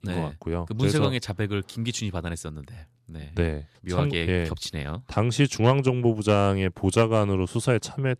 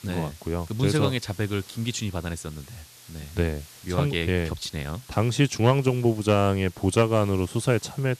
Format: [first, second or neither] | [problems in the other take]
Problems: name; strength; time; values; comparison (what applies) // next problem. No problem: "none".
first | hiss; faint; throughout; 20 dB below the speech